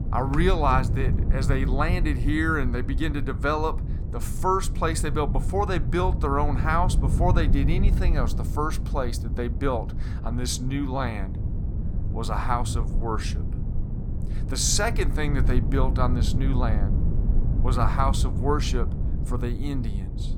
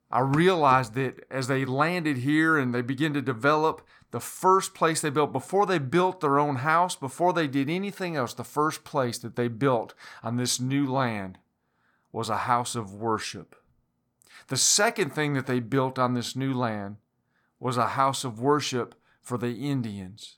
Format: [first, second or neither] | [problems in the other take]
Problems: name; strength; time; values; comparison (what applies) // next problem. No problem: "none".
second | low rumble; noticeable; throughout; 15 dB below the speech